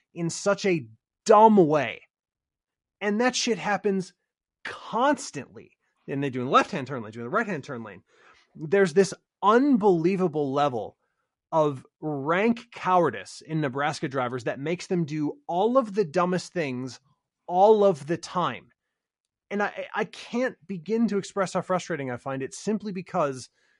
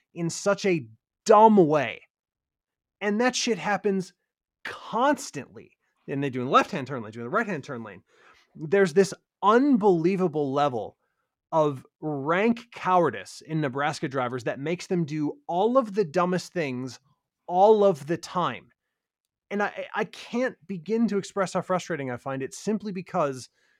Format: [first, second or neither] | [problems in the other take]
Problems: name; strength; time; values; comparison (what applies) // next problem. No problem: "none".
second | garbled, watery; slightly; nothing above 10.5 kHz